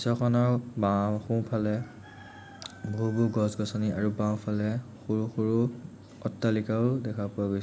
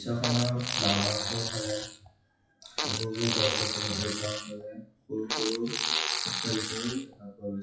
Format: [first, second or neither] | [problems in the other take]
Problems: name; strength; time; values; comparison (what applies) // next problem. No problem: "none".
first | noise reduction (classical method WPE with log-MMSE)